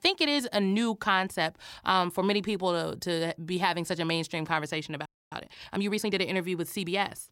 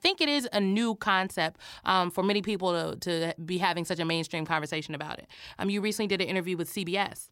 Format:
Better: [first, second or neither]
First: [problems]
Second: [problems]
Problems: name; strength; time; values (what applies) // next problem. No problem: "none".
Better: second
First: audio freezing; at 5 s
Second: none